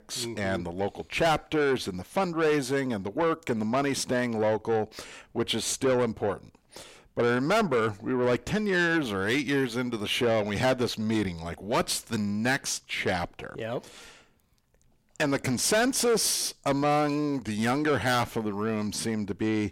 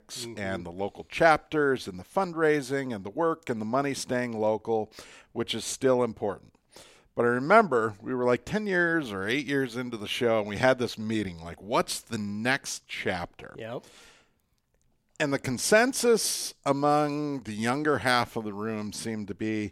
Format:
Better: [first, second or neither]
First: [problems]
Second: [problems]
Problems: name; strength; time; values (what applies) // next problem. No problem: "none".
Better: second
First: distortion; heavy; 7 dB below the speech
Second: none